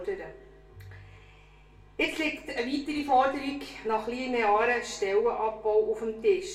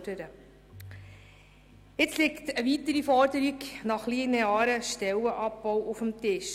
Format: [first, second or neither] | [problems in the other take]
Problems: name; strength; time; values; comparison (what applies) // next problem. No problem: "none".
second | room echo; dies away in 0.3 s